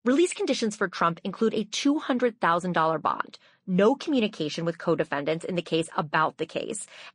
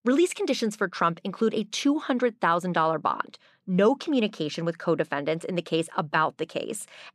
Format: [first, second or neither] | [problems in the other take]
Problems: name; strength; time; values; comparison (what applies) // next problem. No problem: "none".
second | garbled, watery; slightly; nothing above 10 kHz